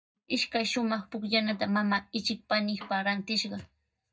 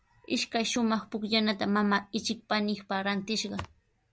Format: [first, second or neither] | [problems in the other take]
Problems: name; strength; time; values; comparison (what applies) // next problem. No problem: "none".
second | noise reduction (neural mask model DeepFilterNet 3)